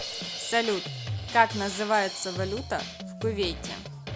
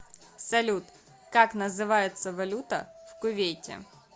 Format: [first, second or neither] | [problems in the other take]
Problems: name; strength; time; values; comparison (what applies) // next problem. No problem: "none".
second | background sound (Drum kit); 7 dB below the speech